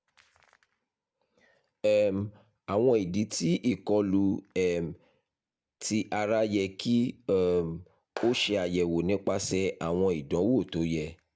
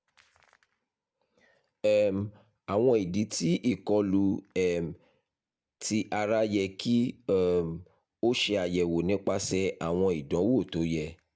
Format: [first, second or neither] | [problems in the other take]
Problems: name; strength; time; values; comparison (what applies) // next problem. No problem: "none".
second | background sound (Clapping); 15 dB below the speech